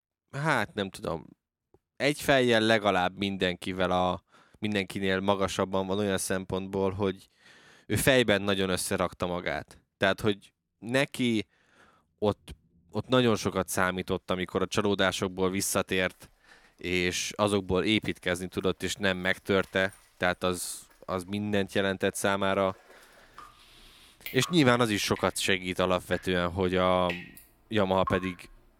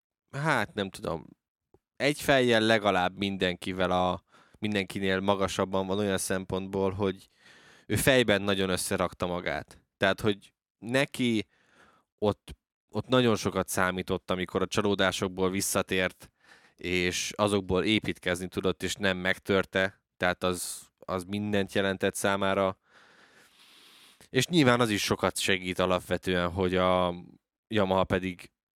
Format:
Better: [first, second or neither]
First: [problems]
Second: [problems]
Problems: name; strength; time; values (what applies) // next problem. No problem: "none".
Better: second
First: rain or running water; noticeable; throughout; 15 dB below the speech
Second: none